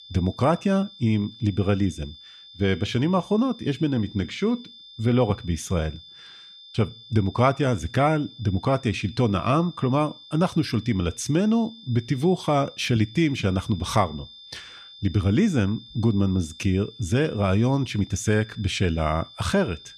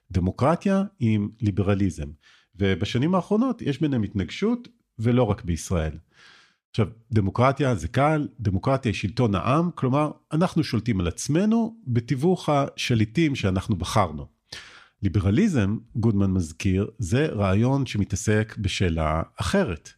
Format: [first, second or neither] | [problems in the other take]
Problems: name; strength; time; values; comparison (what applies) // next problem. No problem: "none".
second | high-pitched whine; noticeable; throughout; 3.5 kHz, 20 dB below the speech